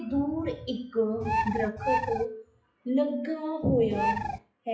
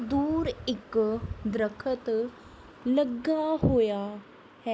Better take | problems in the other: second | noise reduction (classical method WPE with log-MMSE)

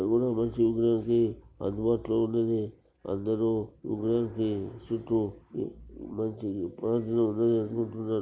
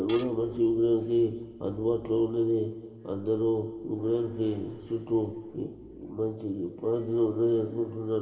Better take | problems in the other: first | background sound (Tools); 18 dB below the speech // room echo; dies away in 2 s

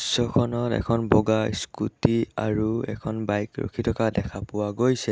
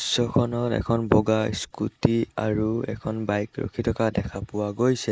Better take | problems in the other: first | noise reduction (neural mask model Resemble Enhance denoiser)

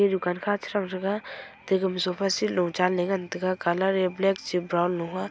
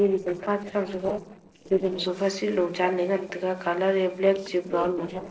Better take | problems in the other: first | noise reduction (neural separator model SepFormer DNS4)

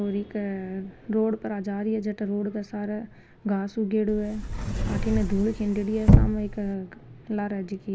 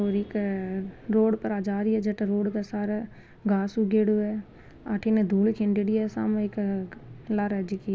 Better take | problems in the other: second | background sound (Sliding door / Slam / Wood); 5 dB above the speech

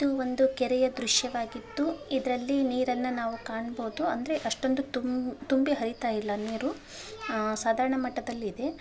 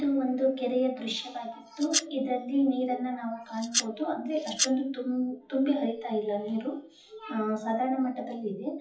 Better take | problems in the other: first | noise reduction (classical method WPE with log-MMSE)

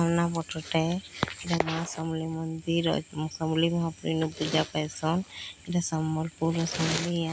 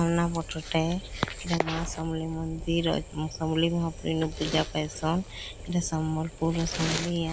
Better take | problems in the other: first | background sound (Train); 13 dB below the speech

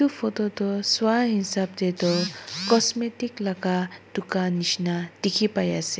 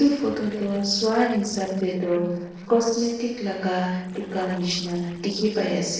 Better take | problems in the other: first | noise reduction (neural separator model SepFormer DNS4)

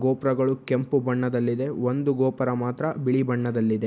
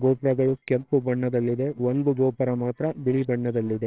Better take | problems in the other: first | noise reduction (neural separator model SepFormer WHAMR!)

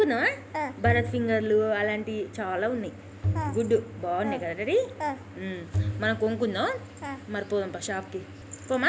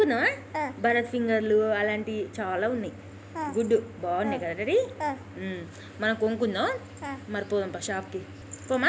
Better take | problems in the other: second | background sound (Bowed string instrument); 7 dB below the speech

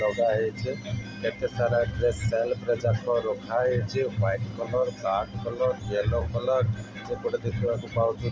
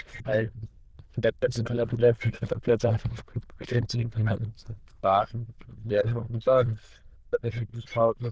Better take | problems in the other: first | noise reduction (neural diffusion model UNIVERSE++)

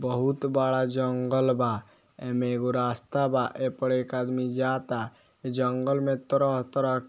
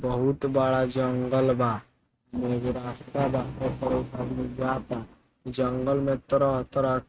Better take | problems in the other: first | noise reduction (neural mask model RNNoise)

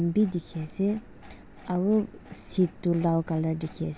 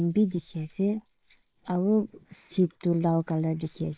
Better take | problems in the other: first | noise reduction (neural mask model Resemble Enhance denoiser)

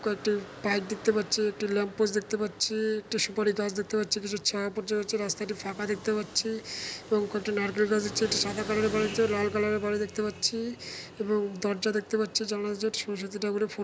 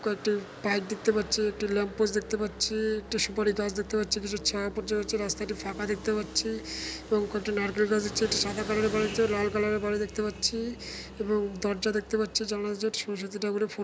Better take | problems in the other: first | background sound (Musical instrument); 18 dB below the speech

